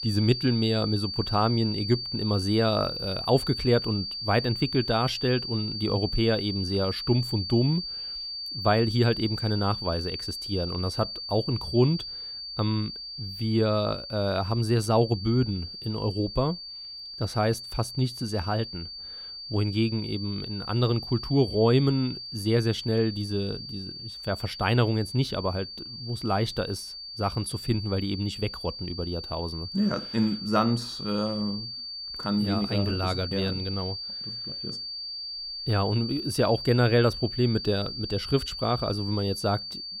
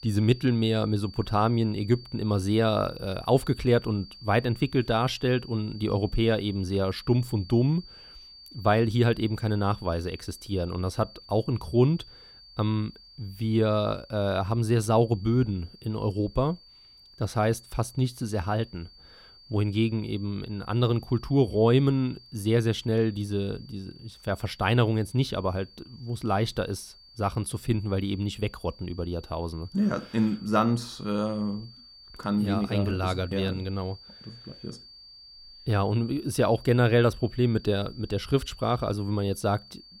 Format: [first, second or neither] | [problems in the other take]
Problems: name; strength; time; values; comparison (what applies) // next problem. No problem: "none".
second | high-pitched whine; loud; throughout; 4.5 kHz, 7 dB below the speech; faint in the second